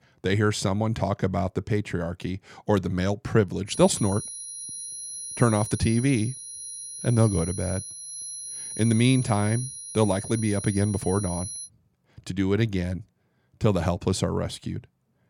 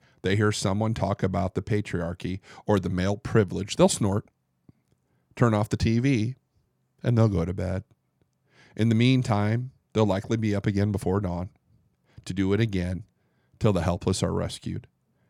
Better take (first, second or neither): second